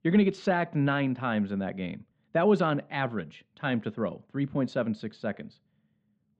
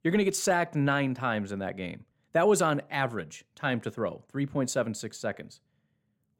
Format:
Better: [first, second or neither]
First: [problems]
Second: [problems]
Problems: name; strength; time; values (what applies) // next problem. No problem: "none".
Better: second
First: muffled; slightly; fading above 3.5 kHz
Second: none